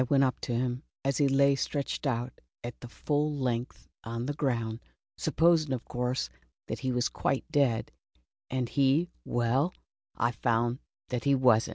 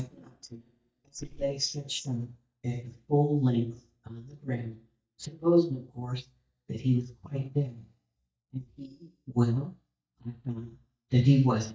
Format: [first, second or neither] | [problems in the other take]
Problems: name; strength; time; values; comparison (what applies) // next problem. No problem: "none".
first | noise reduction (neural mask model DeepFilterNet 3)